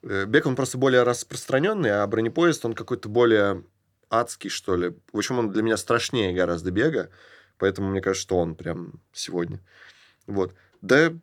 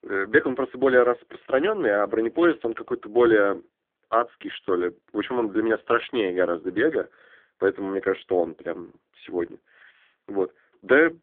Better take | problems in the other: first | phone-call audio; poor line; nothing above 3.5 kHz

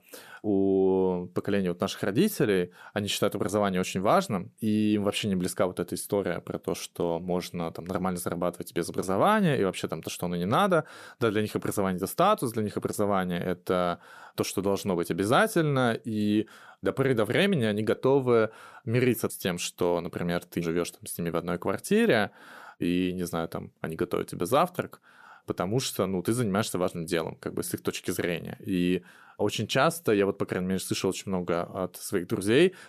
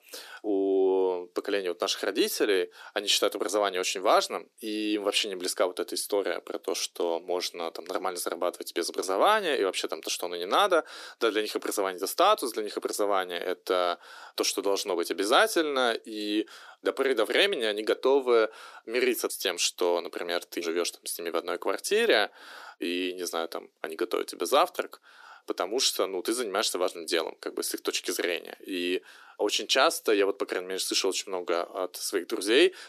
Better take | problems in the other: first | thin; somewhat; fading below 300 Hz

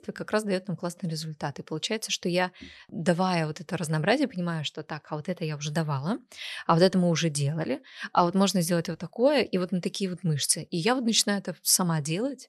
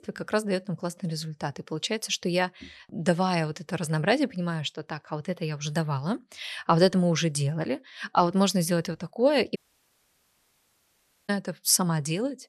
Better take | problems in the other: first | audio cutting out; at 9.5 s for 1.5 s

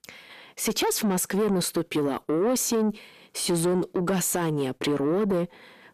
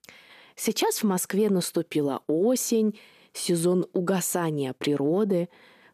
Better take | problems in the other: second | distortion; slight; 10 dB below the speech

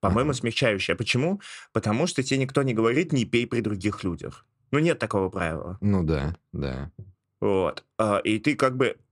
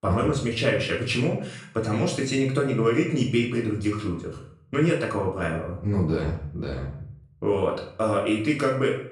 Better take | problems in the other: first | room echo; slight; dies away in 0.5 s // off-mic speech; far

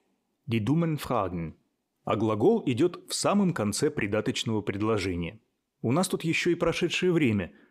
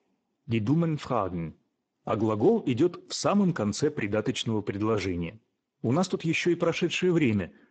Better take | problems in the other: first | garbled, watery; badly; nothing above 8 kHz

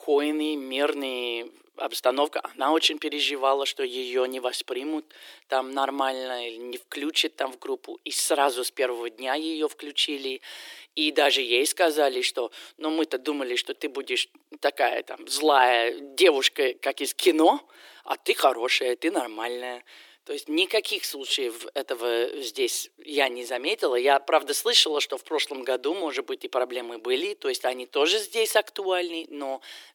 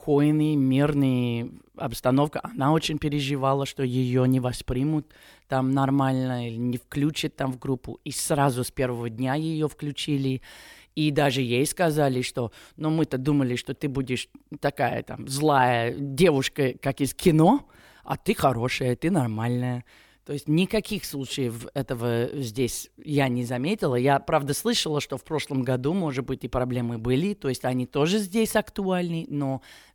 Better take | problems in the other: second | thin; very; fading below 350 Hz

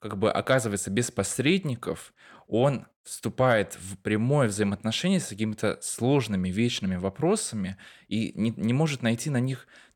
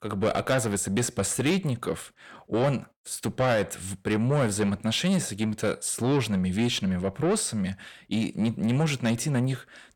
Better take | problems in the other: first | distortion; slight; 10 dB below the speech

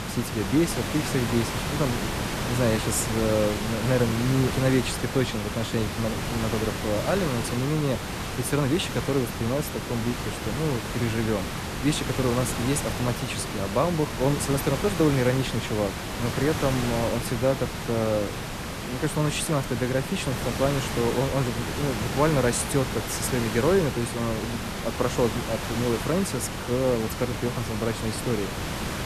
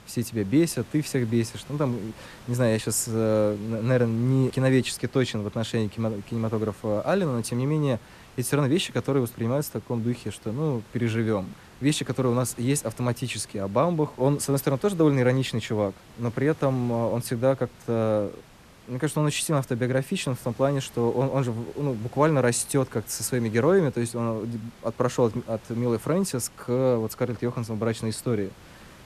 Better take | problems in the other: second | hiss; loud; throughout; 4 dB below the speech; faint in the second

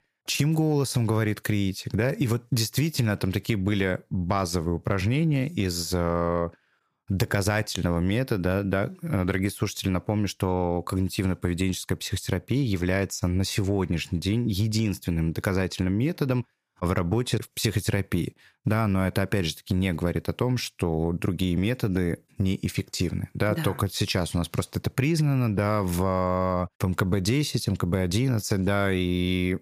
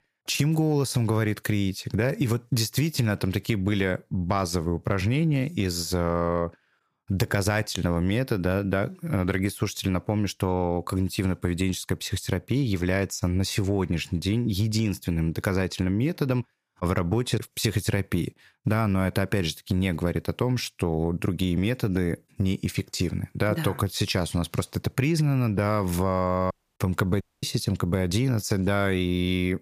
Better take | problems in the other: first | audio cutting out; at 27 s

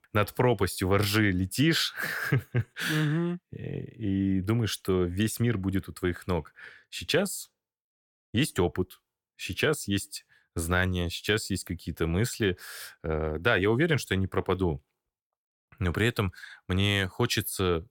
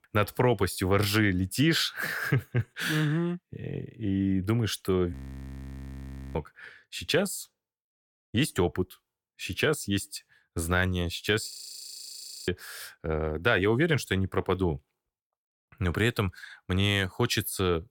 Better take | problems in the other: first | audio freezing; at 5 s for 1 s and at 11 s for 1 s

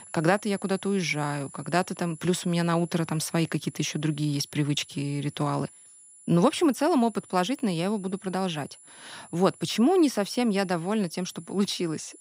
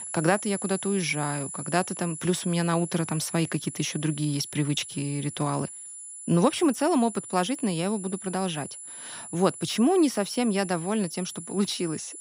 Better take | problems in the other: first | high-pitched whine; loud; throughout; 10 kHz, 10 dB below the speech; faint in the first

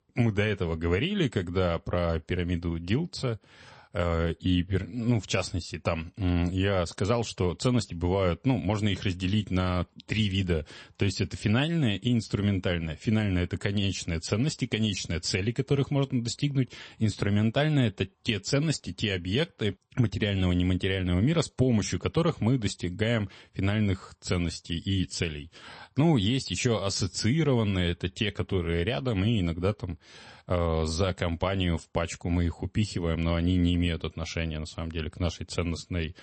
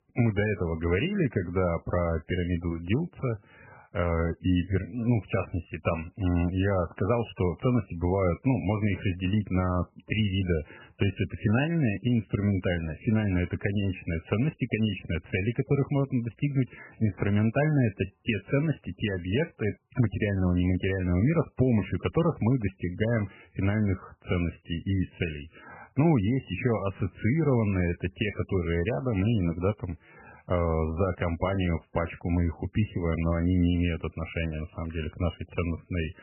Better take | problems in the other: first | garbled, watery; badly; nothing above 3 kHz; slightly in the first

